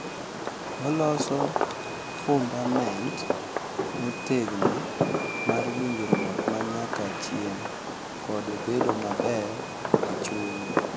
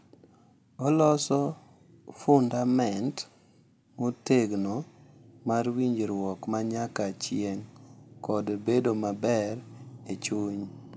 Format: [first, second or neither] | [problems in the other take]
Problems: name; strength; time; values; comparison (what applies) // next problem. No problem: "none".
second | background sound (Fireworks); 1 dB above the speech